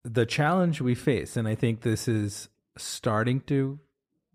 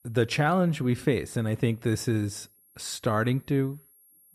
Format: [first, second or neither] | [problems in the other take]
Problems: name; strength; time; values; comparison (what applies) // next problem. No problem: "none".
first | high-pitched whine; faint; throughout; 11.5 kHz, 30 dB below the speech